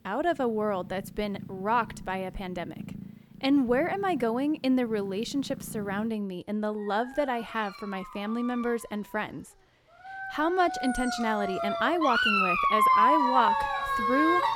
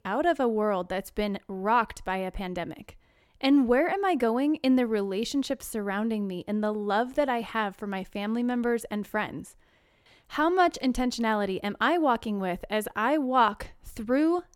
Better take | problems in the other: second | animal sounds; very loud; throughout; 3 dB above the speech

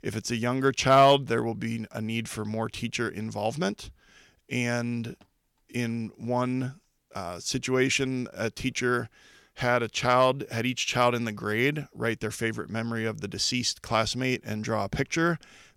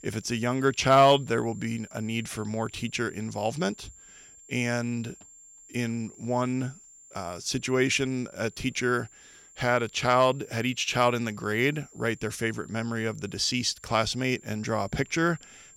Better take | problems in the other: first | high-pitched whine; faint; throughout; 7.5 kHz, 25 dB below the speech

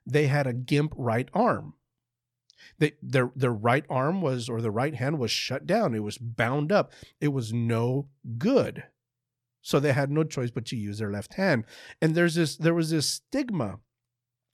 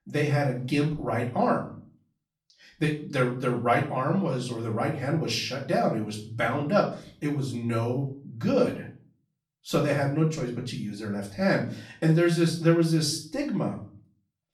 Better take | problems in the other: first | off-mic speech; far // room echo; slight; dies away in 0.4 s

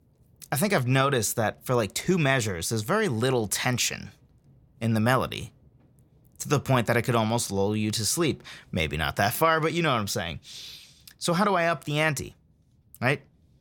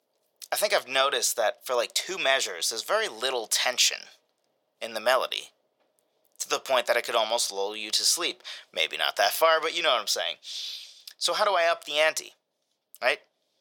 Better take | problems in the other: first | thin; very; fading below 500 Hz

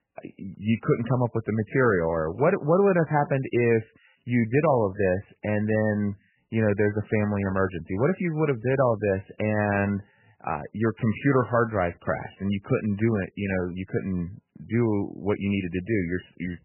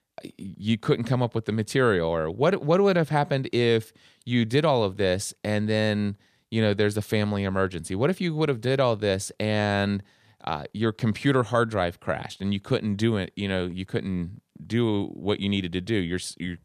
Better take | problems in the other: second | garbled, watery; badly; nothing above 3 kHz

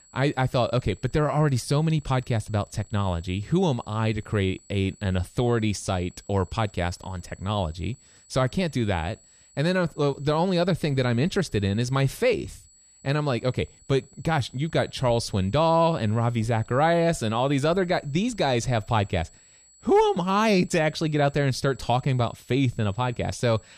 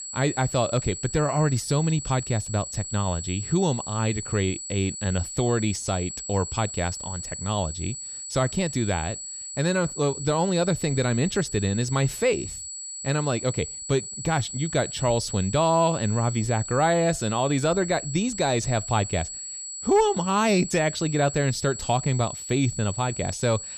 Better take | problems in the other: first | high-pitched whine; loud; throughout; 8 kHz, 8 dB below the speech; faint in the first

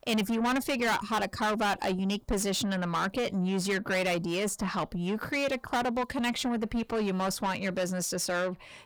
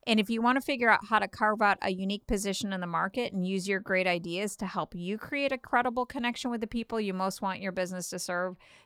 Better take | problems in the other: second | distortion; heavy; 6 dB below the speech

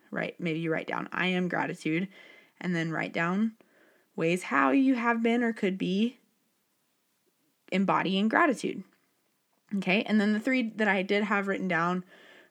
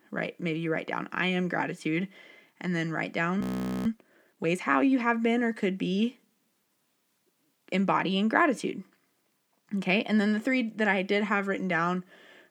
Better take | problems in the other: first | audio freezing; at 3.5 s

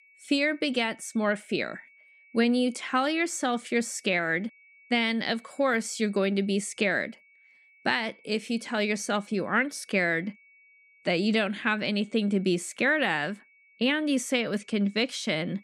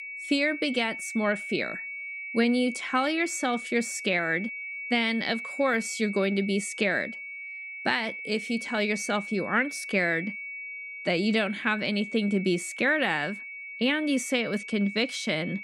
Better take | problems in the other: first | high-pitched whine; loud; throughout; 2.5 kHz, 9 dB below the speech; faint in the first

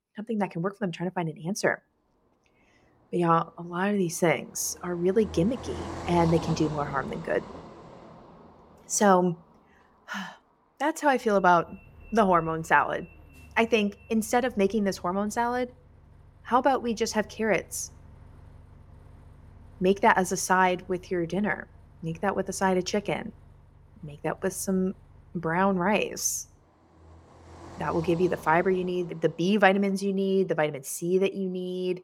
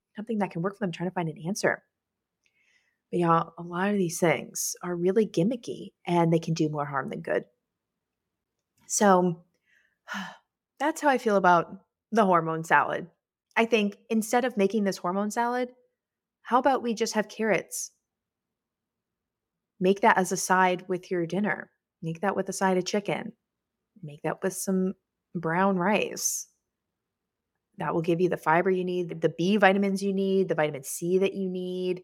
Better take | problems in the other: second | traffic noise; noticeable; throughout; 20 dB below the speech

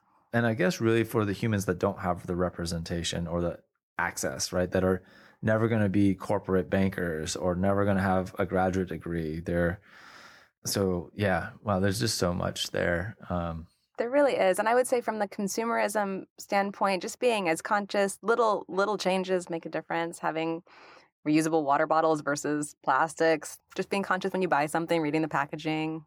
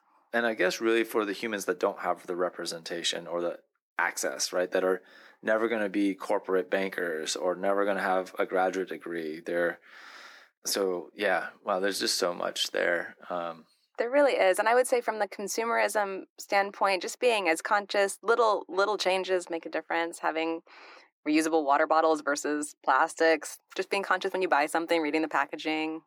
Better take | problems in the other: first | thin; somewhat; fading below 300 Hz

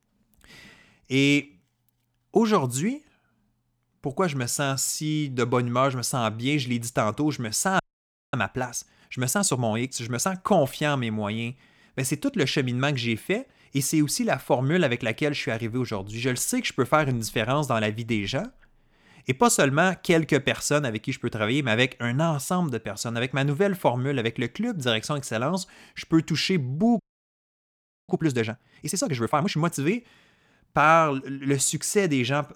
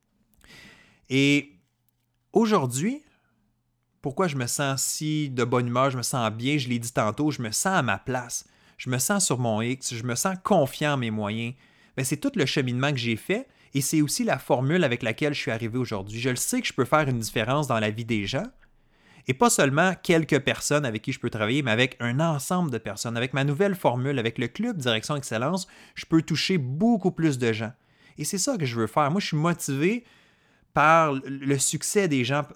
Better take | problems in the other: second | audio freezing; at 8 s for 0.5 s and at 27 s for 1 s

